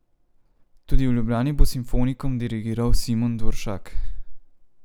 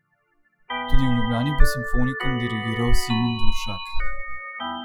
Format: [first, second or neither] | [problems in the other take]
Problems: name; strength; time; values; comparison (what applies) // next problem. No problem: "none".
first | noise reduction (classical method Wiener filter)